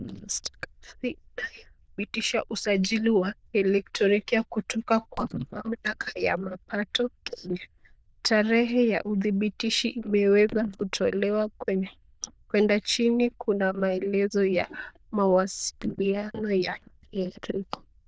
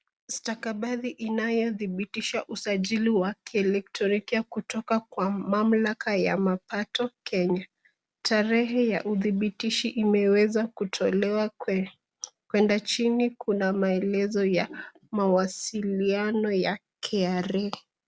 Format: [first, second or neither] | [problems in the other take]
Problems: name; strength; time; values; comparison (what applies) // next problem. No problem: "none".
second | noise reduction (neural diffusion model UNIVERSE++)